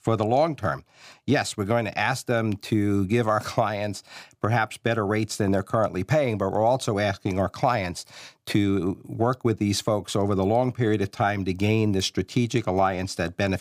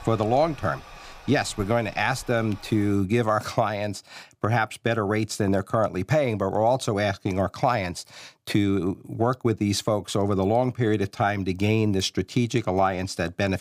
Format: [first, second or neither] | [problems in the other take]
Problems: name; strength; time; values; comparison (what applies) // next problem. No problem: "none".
first | household noises; faint; until 3 s; 20 dB below the speech